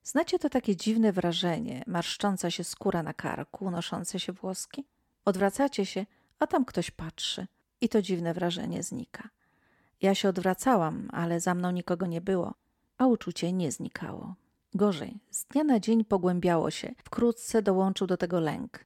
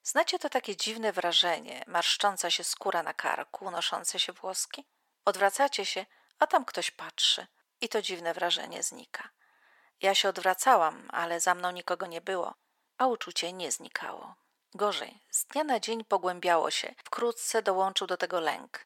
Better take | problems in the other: first | thin; very; fading below 800 Hz

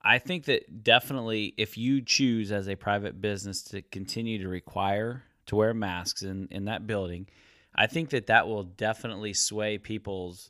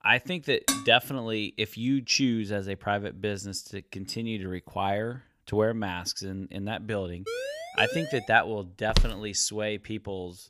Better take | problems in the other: first | clattering dishes; loud; at 0.5 s; peak level with the speech // siren; noticeable; from 7.5 to 8.5 s; peak 6 dB below the speech // footsteps; loud; at 9 s; peak level with the speech

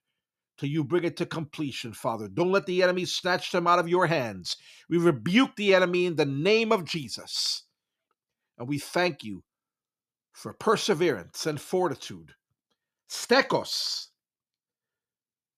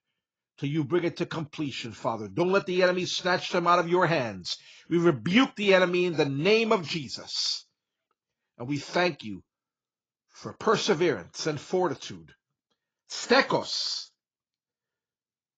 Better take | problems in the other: first | garbled, watery; badly; nothing above 7.5 kHz

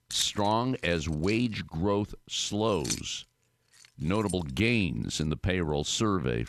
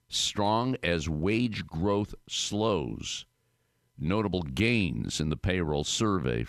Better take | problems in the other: second | household noises; noticeable; throughout; 10 dB below the speech

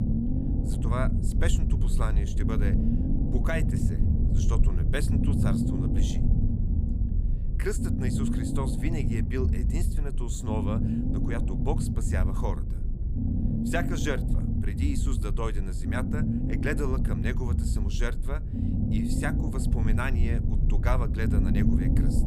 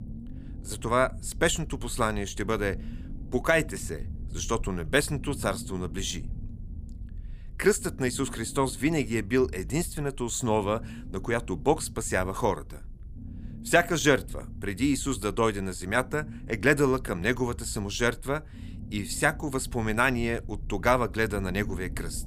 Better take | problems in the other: second | low rumble; loud; throughout; 2 dB below the speech; faint in the second

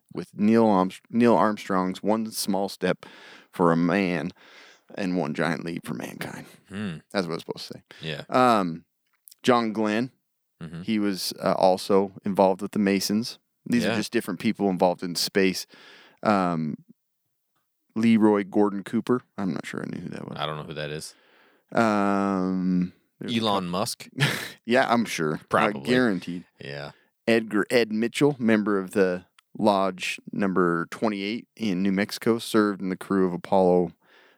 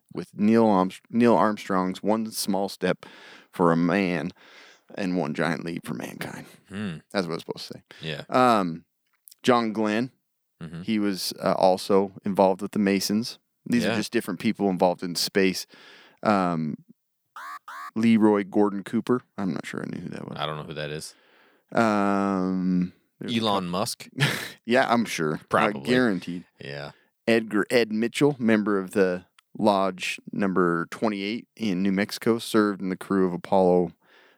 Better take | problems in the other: first | alarm; faint; at 17 s; peak 15 dB below the speech

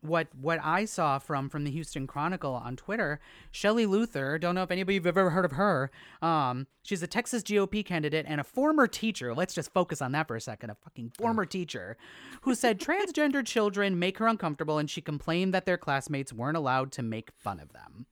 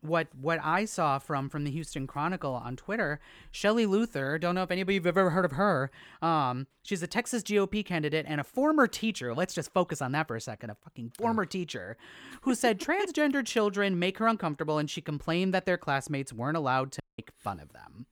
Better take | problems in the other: first | audio cutting out; at 17 s

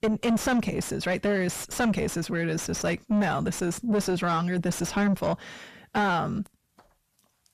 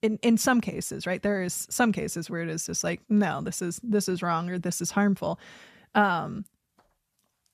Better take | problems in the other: second | distortion; heavy; 5 dB below the speech

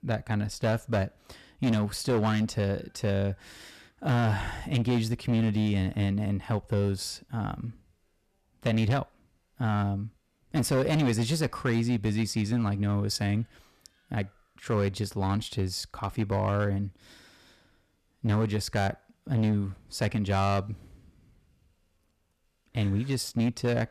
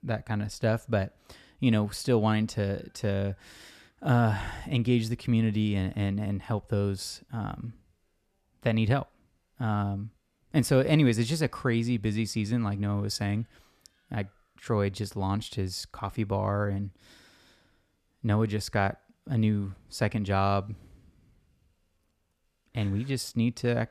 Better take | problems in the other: second | distortion; slight; 7% of the sound clipped

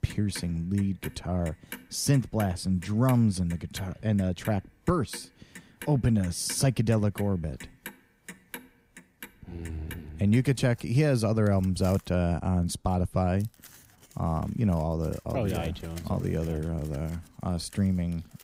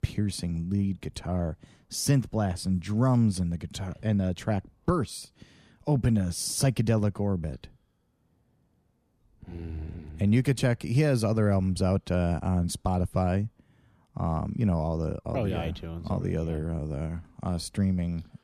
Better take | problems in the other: second | household noises; noticeable; throughout; 20 dB below the speech

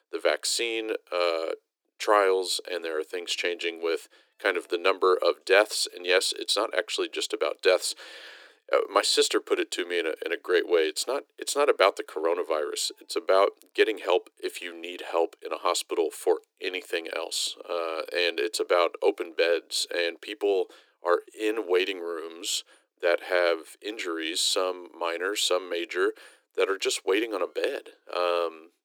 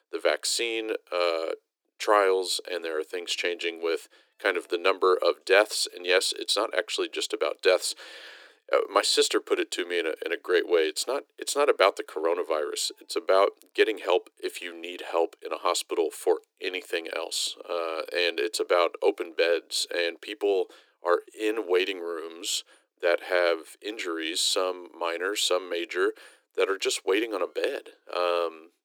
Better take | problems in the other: neither | thin; very; fading below 300 Hz; the same in both

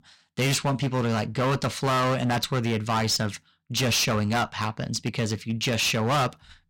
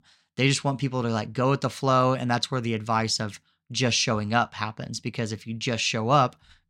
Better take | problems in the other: second | distortion; heavy; 19% of the sound clipped

